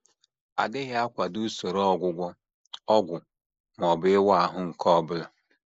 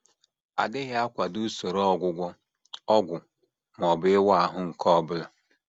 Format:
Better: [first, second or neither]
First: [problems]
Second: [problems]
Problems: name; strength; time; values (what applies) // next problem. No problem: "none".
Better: second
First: noise reduction (neural mask model Resemble Enhance denoiser)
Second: none